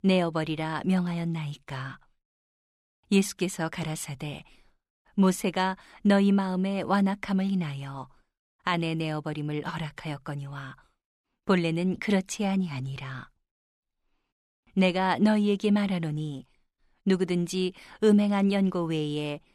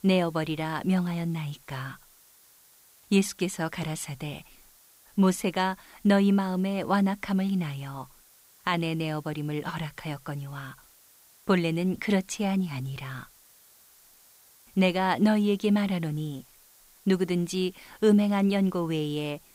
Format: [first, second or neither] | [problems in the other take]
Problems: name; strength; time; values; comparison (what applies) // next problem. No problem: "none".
first | hiss; faint; throughout; 25 dB below the speech